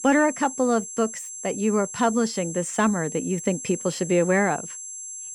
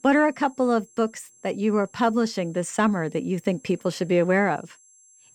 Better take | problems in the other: second | high-pitched whine; loud; throughout; 7.5 kHz, 9 dB below the speech; faint in the second

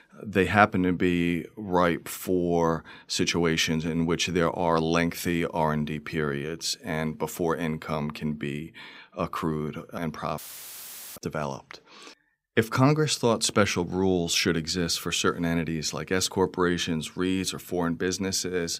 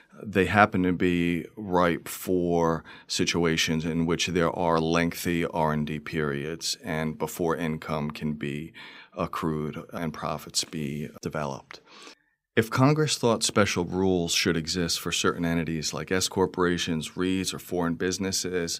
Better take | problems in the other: second | audio cutting out; filled with static; at 10 s for 1 s

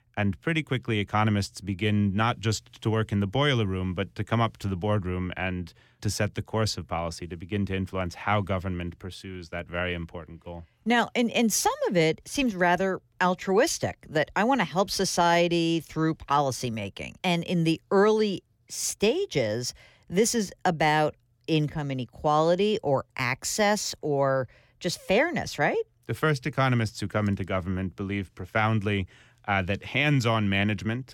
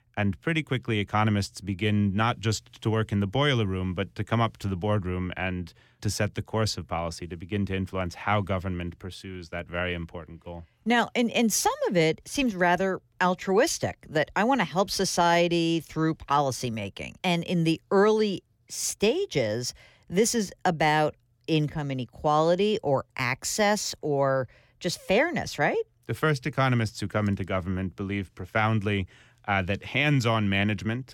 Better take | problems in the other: neither | none

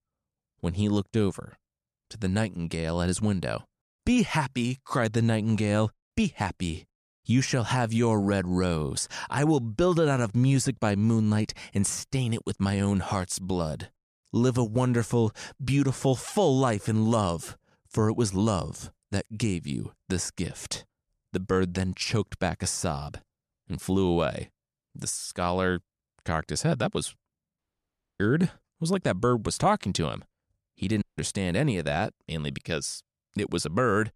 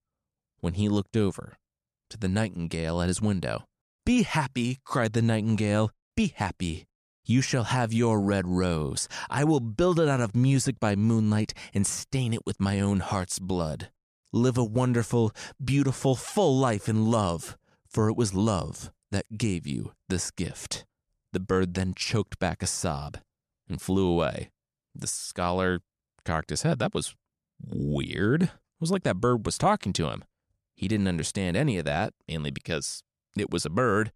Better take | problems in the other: second | audio cutting out; at 28 s for 0.5 s and at 31 s

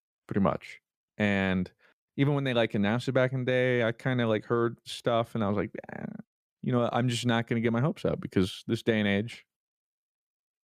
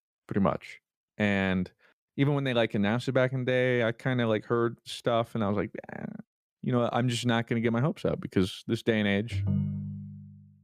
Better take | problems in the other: first | phone ringing; noticeable; at 9.5 s; peak 1 dB below the speech

